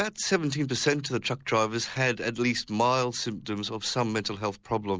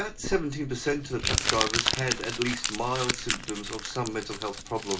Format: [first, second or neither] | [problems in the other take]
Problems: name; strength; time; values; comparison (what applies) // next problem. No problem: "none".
first | background sound (Crumpling, crinkling); 1 dB below the speech // room echo; dies away in 0.2 s